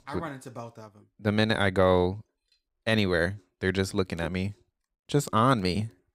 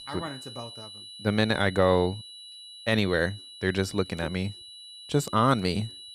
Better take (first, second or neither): first